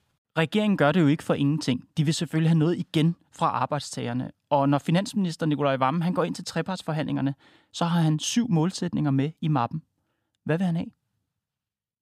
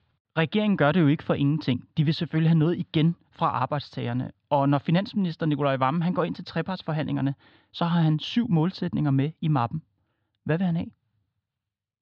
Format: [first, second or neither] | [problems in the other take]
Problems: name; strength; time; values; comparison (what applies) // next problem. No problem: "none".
first | muffled; very slightly; fading above 4 kHz